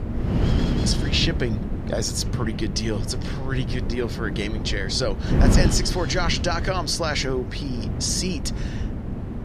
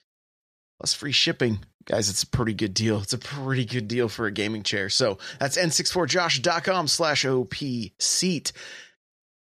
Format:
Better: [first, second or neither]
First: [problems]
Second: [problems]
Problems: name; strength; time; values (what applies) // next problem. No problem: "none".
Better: second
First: wind noise on the microphone; heavy; 7 dB below the speech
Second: none